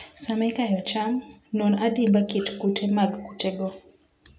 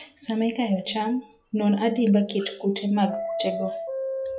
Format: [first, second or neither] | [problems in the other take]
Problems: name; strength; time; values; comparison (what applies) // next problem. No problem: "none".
first | noise reduction (classical method log-MMSE)